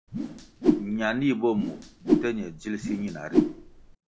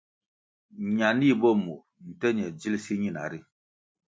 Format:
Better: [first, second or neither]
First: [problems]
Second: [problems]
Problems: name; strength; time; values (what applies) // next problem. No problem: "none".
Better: second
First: background sound (Whoosh, swoosh, swish); 3 dB above the speech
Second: none